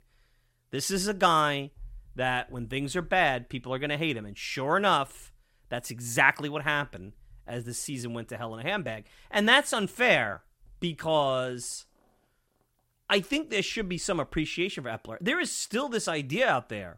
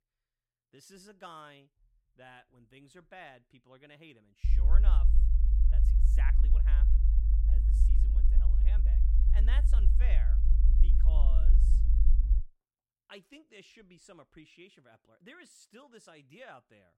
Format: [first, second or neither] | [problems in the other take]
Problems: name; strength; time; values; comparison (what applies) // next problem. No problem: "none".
first | low rumble; loud; from 4.5 to 12 s; 1 dB below the speech